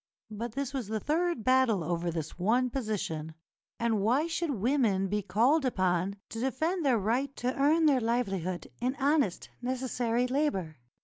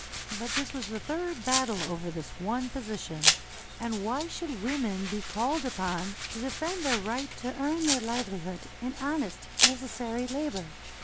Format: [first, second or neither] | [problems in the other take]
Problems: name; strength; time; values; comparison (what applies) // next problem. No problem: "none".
first | background sound (Domestic sounds, home sounds); 1 dB below the speech